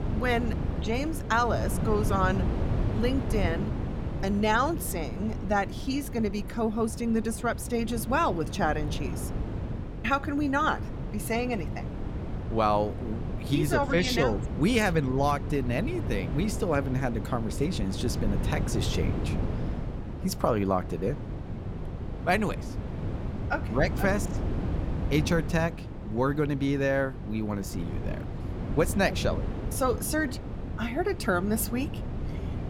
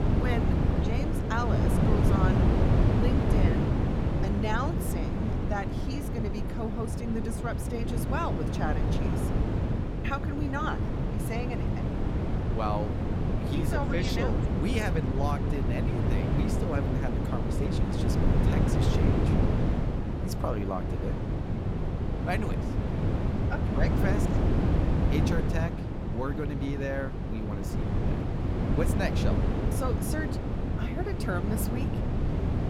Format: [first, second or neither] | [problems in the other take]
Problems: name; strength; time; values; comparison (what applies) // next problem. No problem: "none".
first | wind noise on the microphone; heavy; as loud as the speech; occasional gusts in the first